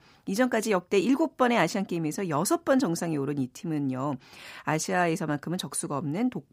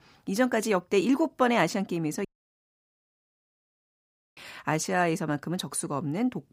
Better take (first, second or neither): first